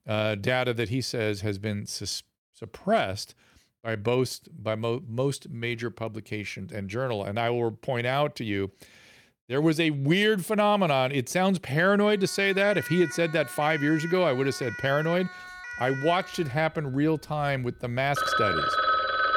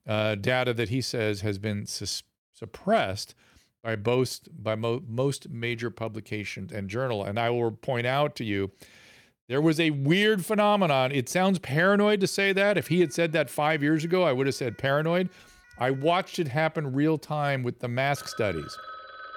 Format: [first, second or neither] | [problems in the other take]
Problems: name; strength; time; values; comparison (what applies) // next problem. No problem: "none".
second | alarms or sirens; loud; from 12 s on; 4 dB below the speech; faint in the second